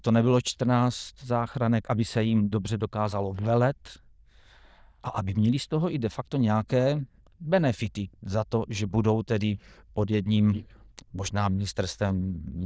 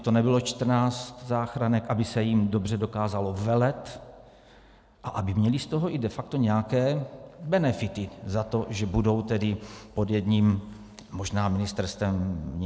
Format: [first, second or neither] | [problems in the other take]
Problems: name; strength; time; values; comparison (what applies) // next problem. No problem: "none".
second | noise reduction (neural diffusion model UNIVERSE++)